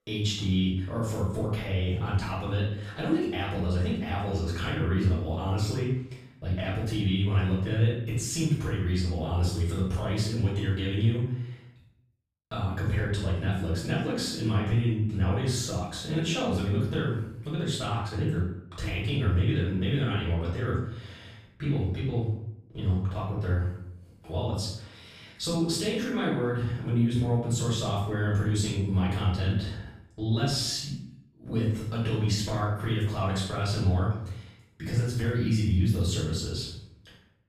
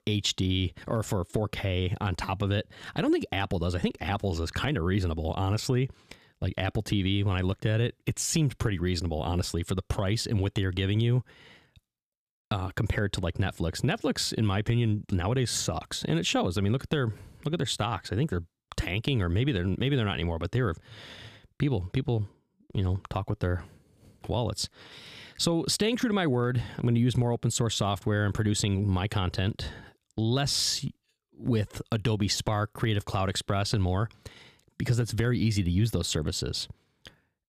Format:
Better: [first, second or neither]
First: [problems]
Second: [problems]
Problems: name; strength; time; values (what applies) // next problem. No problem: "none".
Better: second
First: off-mic speech; far // room echo; noticeable; dies away in 0.6 s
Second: none